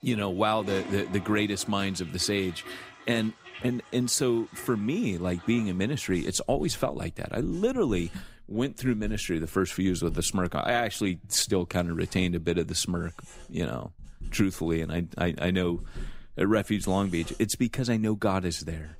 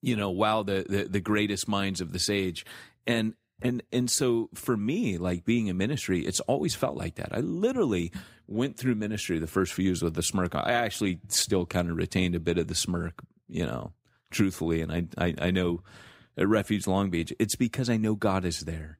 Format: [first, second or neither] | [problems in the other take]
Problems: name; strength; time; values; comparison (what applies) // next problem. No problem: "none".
second | household noises; noticeable; throughout; 20 dB below the speech